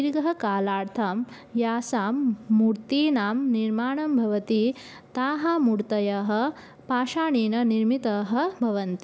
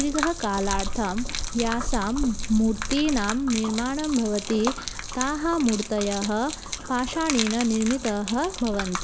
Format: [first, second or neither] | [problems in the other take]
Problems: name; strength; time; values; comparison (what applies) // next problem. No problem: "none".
first | background sound (Wind + Gurgling / Liquid); 5 dB below the speech